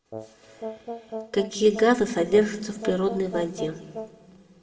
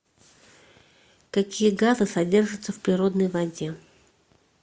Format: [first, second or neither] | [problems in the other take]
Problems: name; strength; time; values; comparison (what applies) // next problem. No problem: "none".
second | background sound (Brass instrument); 12 dB below the speech // room echo; dies away in 1.3 s